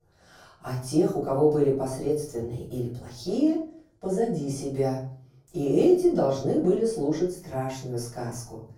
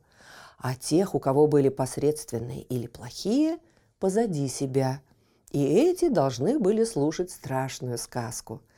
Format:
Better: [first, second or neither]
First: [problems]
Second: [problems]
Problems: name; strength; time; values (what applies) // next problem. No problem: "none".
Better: second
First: off-mic speech; far // room echo; noticeable; dies away in 0.5 s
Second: none